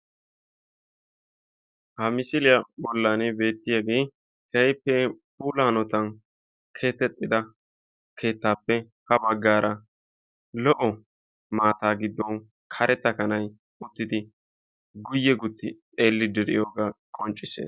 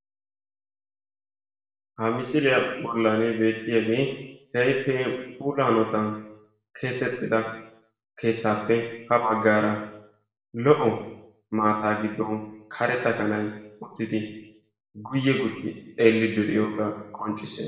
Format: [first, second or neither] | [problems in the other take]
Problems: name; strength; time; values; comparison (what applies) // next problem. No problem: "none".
first | room echo; dies away in 0.8 s